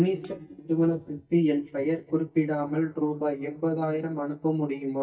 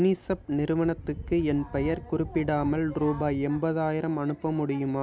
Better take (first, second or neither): second